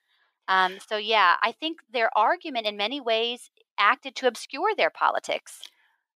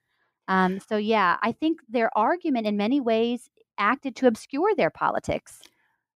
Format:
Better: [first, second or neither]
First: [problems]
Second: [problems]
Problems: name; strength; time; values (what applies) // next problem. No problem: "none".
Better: second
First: thin; very; fading below 650 Hz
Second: none